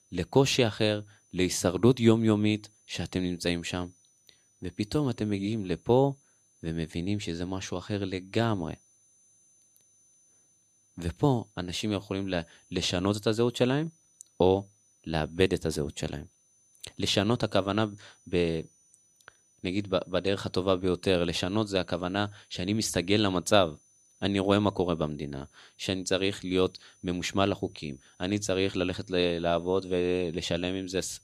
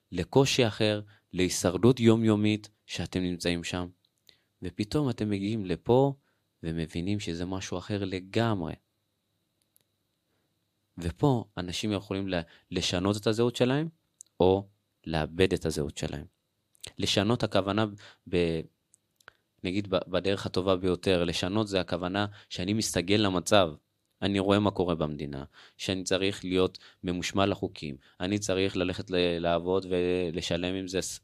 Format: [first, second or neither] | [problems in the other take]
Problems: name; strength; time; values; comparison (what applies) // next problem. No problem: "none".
second | high-pitched whine; faint; throughout; 6 kHz, 35 dB below the speech